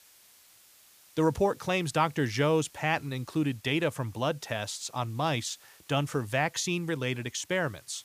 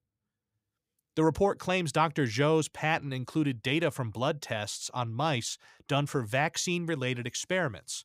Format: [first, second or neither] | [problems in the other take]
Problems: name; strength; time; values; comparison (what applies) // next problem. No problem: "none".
second | hiss; faint; throughout; 25 dB below the speech